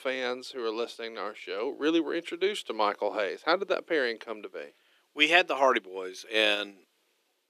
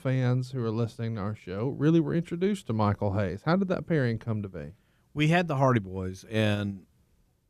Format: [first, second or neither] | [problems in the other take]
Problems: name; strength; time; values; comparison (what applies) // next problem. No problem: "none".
second | thin; very; fading below 350 Hz